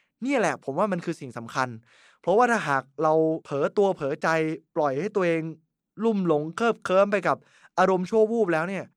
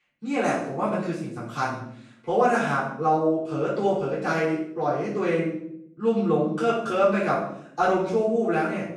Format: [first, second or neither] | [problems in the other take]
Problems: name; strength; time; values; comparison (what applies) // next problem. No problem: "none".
first | off-mic speech; far // room echo; noticeable; dies away in 0.6 s